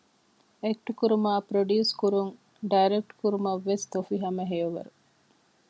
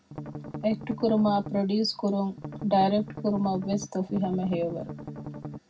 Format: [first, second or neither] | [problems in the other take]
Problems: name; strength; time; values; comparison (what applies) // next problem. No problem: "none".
first | background sound (Strum); 11 dB below the speech // room echo; dies away in 0.4 s